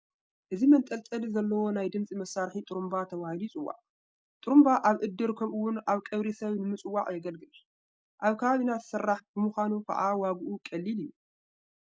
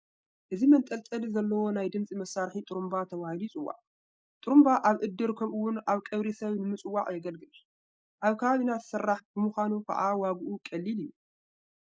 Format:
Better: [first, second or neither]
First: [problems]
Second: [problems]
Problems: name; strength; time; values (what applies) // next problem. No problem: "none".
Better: first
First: none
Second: noise reduction (neural mask model Resemble Enhance denoiser)